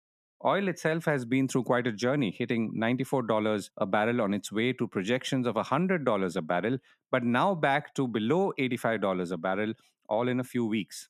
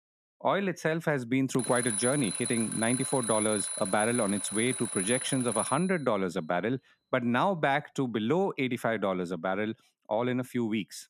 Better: first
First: none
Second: alarm; loud; from 1.5 to 6 s; peak level with the speech

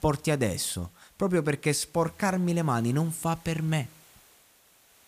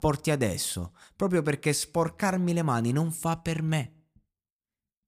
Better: second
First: hiss; faint; throughout; 25 dB below the speech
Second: none

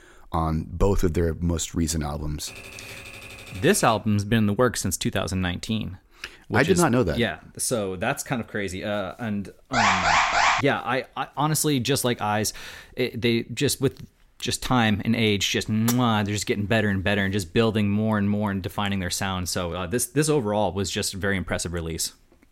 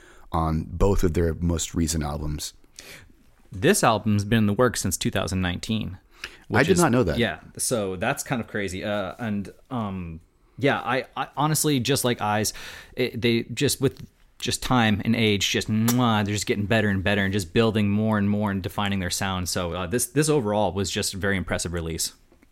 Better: second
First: keyboard typing; faint; from 2.5 to 4 s; peak 15 dB below the speech // alarm; loud; at 9.5 s; peak 6 dB above the speech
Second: none

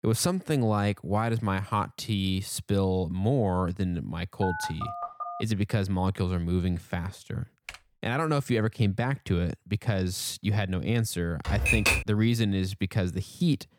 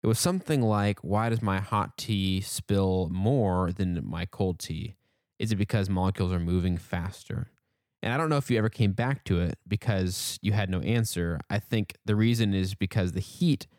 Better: second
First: phone ringing; noticeable; from 4.5 to 5.5 s; peak 5 dB below the speech // keyboard typing; faint; at 7.5 s; peak 15 dB below the speech // keyboard typing; loud; at 11 s; peak 6 dB above the speech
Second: none

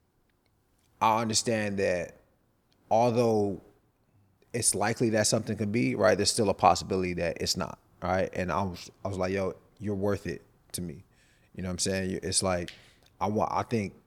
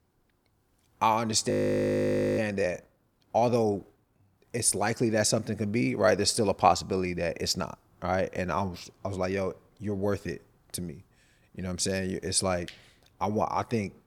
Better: first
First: none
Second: audio freezing; at 1.5 s for 1 s

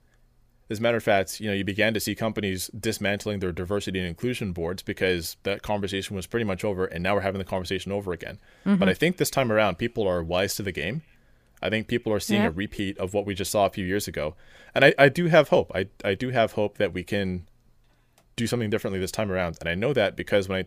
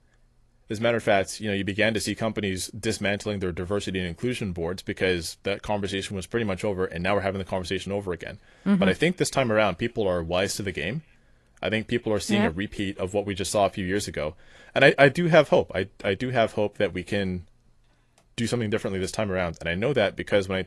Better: first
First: none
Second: garbled, watery; slightly; nothing above 11.5 kHz

